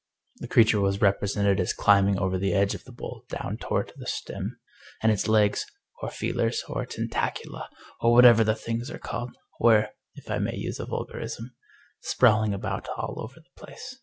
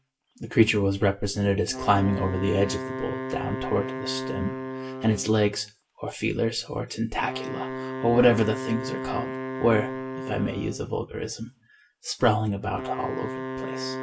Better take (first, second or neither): first